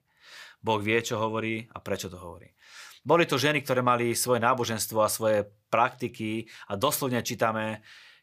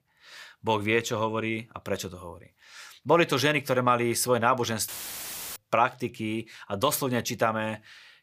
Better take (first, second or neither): first